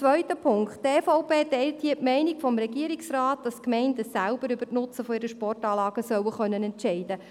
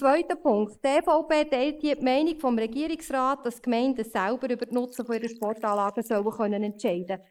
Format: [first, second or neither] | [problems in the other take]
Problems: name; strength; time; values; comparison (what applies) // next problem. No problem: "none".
first | noise reduction (neural mask model Resemble Enhance denoiser)